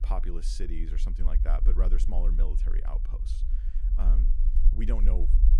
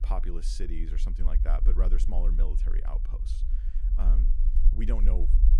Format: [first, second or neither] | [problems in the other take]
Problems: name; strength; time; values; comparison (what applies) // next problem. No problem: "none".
neither | low rumble; loud; throughout; 9 dB below the speech; the same in both